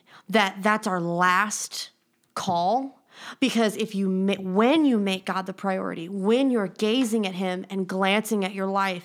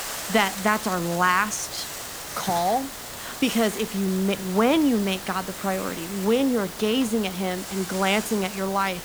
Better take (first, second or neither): first